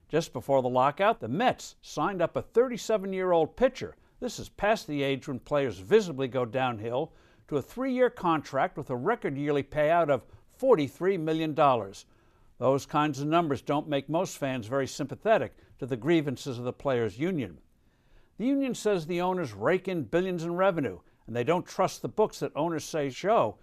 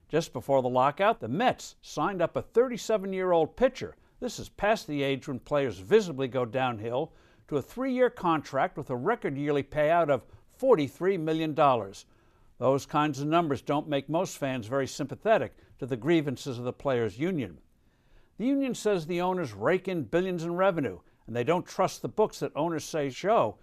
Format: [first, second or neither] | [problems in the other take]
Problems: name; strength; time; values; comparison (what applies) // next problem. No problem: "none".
neither | none